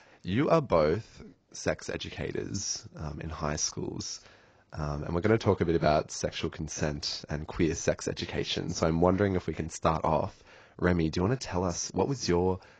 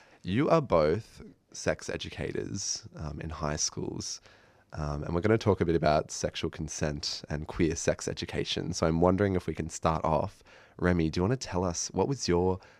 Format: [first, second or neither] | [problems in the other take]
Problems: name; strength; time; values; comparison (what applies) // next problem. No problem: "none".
second | garbled, watery; badly